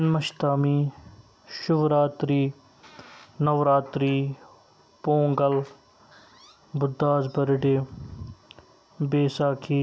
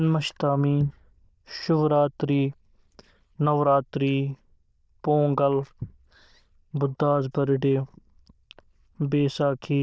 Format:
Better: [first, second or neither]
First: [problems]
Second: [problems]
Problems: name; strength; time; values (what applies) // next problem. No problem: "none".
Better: first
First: none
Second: noise reduction (neural diffusion model UNIVERSE++)